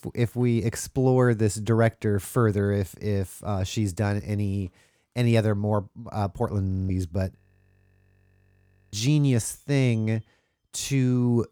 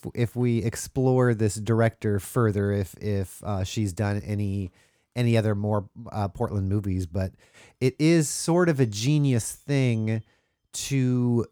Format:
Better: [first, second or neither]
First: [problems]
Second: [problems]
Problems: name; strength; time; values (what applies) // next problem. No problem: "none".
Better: second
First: audio freezing; at 6.5 s and at 7.5 s for 1.5 s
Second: none